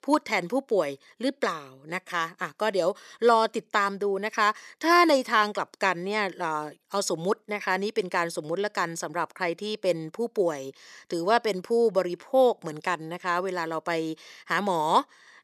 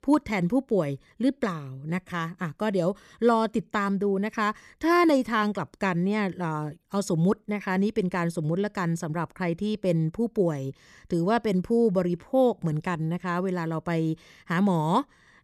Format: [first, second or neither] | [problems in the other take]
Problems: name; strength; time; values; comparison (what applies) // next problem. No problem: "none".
second | thin; somewhat; fading below 450 Hz